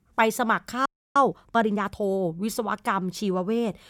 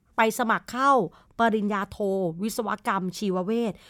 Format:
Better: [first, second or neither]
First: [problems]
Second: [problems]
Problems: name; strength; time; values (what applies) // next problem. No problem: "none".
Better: second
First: audio freezing; at 1 s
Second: none